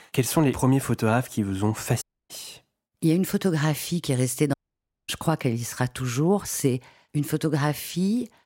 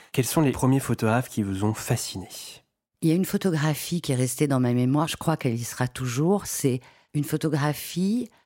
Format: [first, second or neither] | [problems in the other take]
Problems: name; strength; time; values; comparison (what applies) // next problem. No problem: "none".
second | audio cutting out; at 2 s and at 4.5 s for 0.5 s